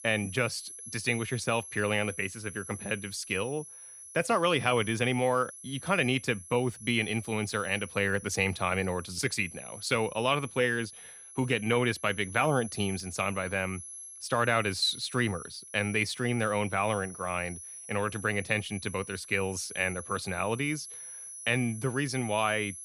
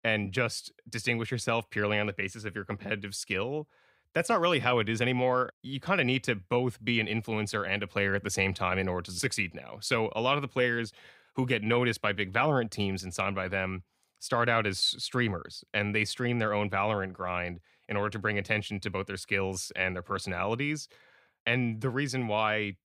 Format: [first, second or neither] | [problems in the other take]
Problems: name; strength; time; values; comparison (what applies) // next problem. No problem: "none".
second | high-pitched whine; noticeable; throughout; 11 kHz, 15 dB below the speech